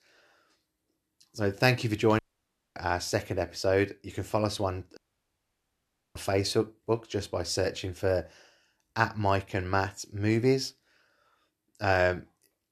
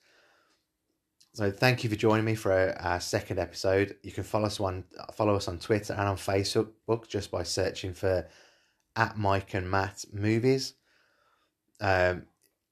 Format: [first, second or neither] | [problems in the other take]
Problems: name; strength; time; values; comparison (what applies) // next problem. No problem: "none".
second | audio cutting out; at 2 s for 0.5 s and at 5 s for 1 s